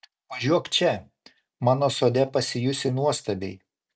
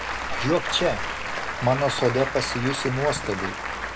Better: first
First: none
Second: background sound (Applause); 4 dB below the speech

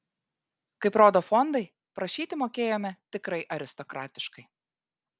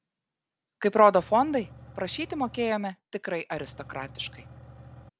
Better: first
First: none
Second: background sound (Engine / Truck / Car); 19 dB below the speech

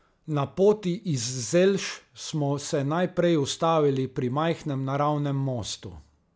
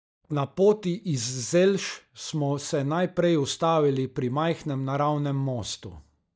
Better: first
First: none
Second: noise reduction (neural mask model DeepFilterNet 3)

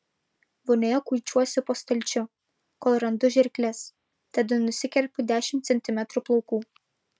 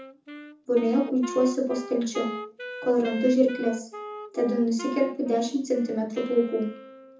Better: first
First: none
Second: background sound (Wind instrument, woodwind instrument); 13 dB below the speech // room echo; dies away in 0.5 s

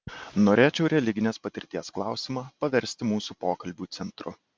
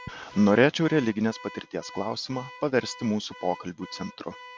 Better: first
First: none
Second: background sound (Alarm / Car); 19 dB below the speech

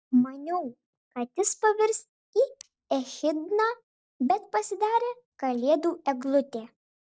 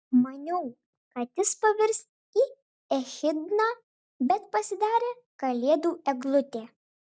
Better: second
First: noise reduction (neural separator model SepFormer DNS4)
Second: none

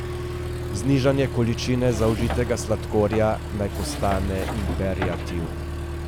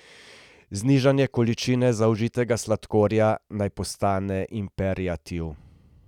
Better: second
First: background sound (Accelerating, revving, vroom); 4 dB below the speech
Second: none

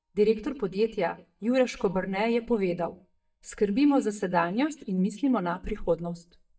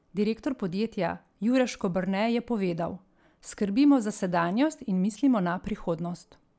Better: second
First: noise reduction (neural mask model DeepFilterNet 3)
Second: none

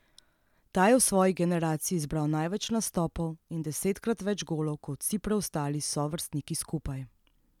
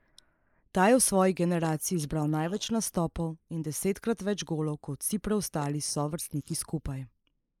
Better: first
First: none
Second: noise reduction (neural mask model Resemble Enhance denoiser)

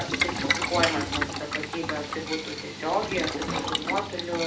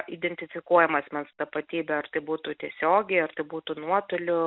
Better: second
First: background sound (Boiling); 1 dB above the speech // room echo; dies away in 0.4 s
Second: none

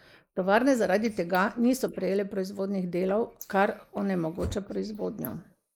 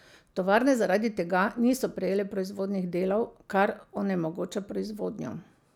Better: second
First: noise reduction (neural mask model Resemble Enhance denoiser)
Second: none

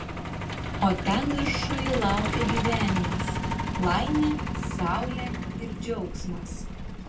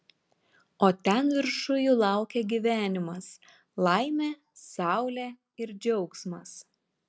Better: second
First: background sound (Truck); as loud as the speech // room echo; dies away in 0.2 s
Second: none

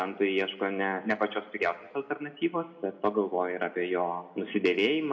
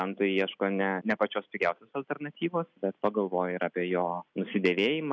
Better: second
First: room echo; dies away in 1 s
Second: none

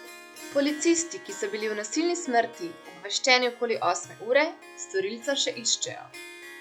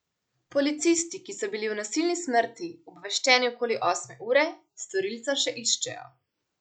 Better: second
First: background sound (Harp); 18 dB below the speech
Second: none

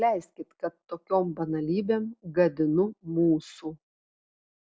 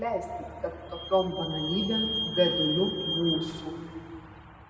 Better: first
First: none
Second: background sound (Squeak / Vehicle); 5 dB below the speech // room echo; dies away in 2.2 s

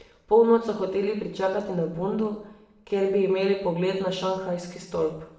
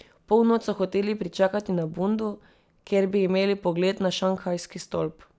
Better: second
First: room echo; dies away in 0.8 s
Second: none

